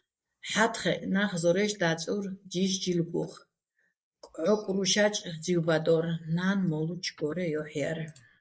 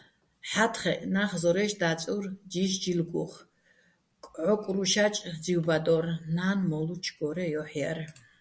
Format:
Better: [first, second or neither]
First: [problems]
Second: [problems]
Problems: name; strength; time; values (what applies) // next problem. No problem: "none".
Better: second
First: noise reduction (neural mask model Resemble Enhance denoiser)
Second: none